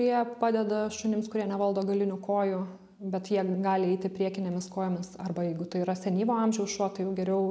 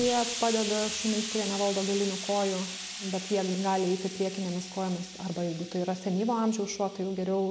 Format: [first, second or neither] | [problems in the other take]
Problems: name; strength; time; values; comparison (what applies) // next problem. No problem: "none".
first | background sound (Explosion); 9 dB below the speech